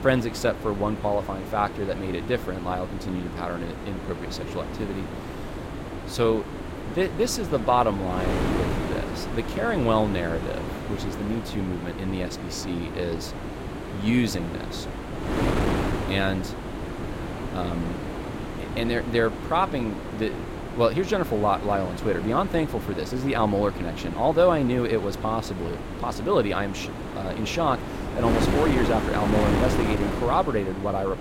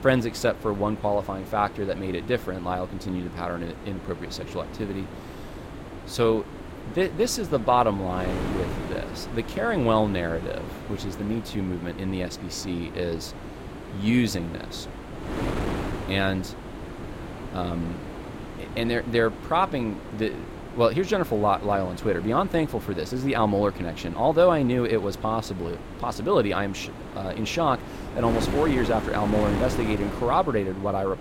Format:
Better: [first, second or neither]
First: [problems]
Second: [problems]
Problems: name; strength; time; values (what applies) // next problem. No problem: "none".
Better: second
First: wind noise on the microphone; heavy; 7 dB below the speech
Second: wind noise on the microphone; occasional gusts; 10 dB below the speech